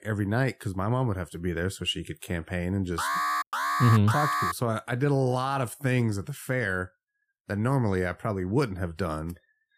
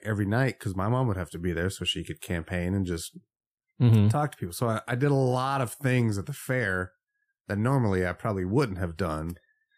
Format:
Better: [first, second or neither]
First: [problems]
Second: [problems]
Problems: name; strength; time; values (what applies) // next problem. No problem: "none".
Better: second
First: alarm; loud; from 3 to 4.5 s; peak 2 dB above the speech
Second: none